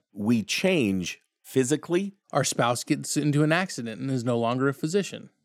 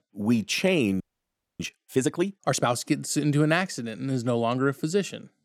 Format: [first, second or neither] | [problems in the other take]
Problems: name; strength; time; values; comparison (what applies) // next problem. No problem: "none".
first | audio freezing; at 1 s for 0.5 s